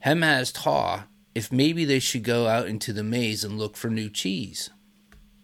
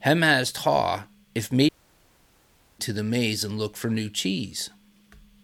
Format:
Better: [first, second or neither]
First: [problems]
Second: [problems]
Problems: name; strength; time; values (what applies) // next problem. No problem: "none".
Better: first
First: none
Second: audio cutting out; at 1.5 s for 1 s